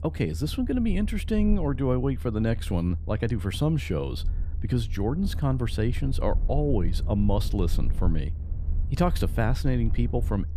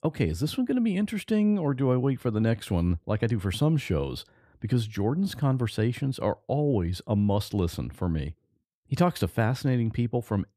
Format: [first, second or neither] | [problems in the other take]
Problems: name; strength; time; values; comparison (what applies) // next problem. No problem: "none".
second | low rumble; noticeable; throughout; 20 dB below the speech